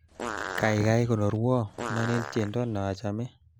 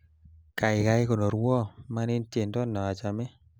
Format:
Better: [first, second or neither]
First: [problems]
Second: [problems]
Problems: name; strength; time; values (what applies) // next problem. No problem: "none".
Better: second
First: background sound (Fart); 9 dB below the speech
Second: none